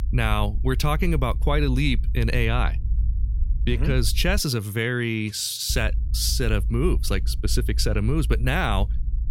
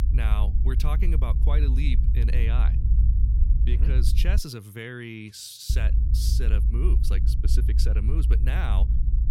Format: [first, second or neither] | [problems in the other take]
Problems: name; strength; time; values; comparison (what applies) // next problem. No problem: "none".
first | low rumble; loud; until 4.5 s and from 5.5 s on; 6 dB below the speech; faint in the first